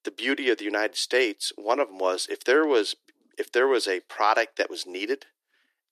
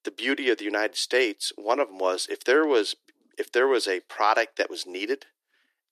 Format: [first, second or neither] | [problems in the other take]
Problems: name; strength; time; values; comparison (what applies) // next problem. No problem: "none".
neither | thin; somewhat; fading below 300 Hz; the same in both